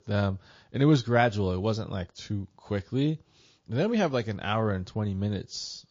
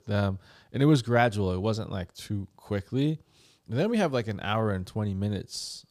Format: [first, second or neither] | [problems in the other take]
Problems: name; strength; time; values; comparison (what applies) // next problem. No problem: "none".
second | garbled, watery; slightly; nothing above 6 kHz